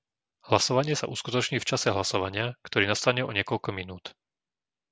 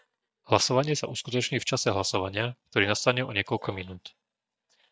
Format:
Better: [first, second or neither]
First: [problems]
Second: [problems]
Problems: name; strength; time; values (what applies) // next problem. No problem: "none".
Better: first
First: none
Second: noise reduction (neural mask model DeepFilterNet 3)